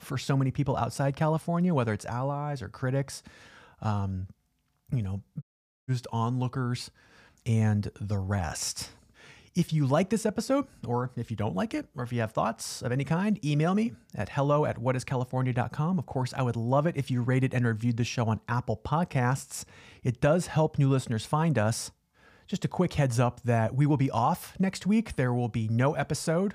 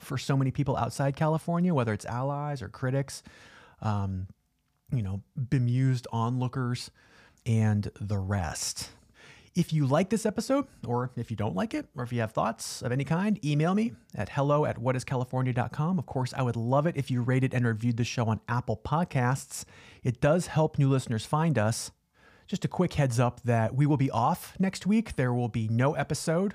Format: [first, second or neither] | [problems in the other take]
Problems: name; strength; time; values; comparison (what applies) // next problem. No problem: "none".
second | audio cutting out; at 5.5 s